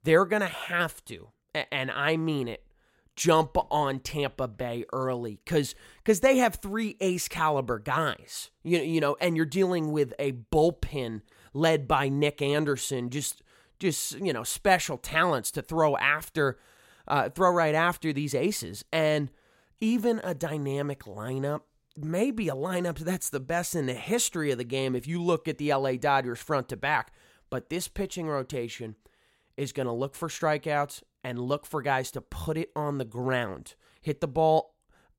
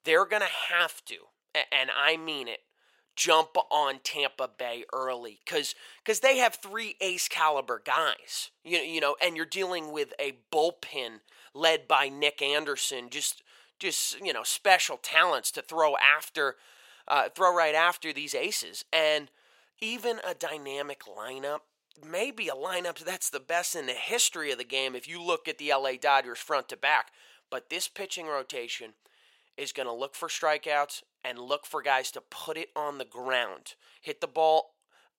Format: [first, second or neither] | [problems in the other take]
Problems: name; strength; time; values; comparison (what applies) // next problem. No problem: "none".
first | thin; very; fading below 650 Hz